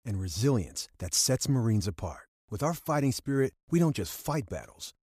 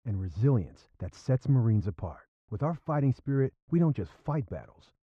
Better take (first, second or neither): first